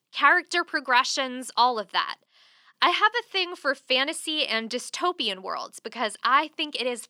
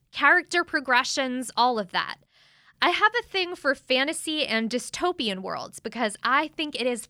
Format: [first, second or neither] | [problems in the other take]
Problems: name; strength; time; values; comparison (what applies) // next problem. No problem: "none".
second | thin; very slightly; fading below 250 Hz